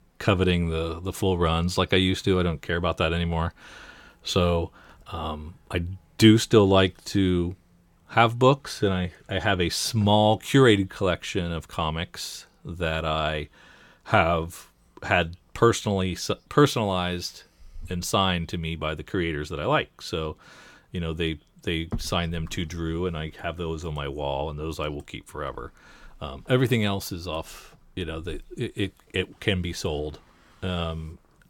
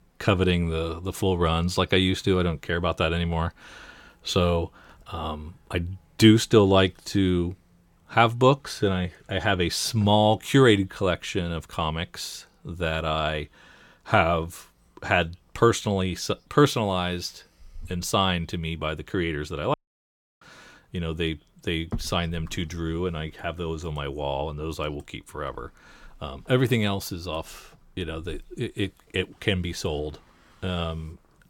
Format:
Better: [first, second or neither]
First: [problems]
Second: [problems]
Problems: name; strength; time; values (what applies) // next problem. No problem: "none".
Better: first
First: none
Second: audio cutting out; at 20 s for 0.5 s